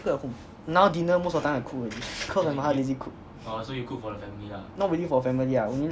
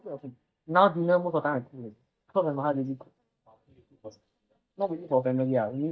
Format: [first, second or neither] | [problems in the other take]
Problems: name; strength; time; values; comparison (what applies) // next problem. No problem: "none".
first | noise reduction (neural mask model DeepFilterNet 3)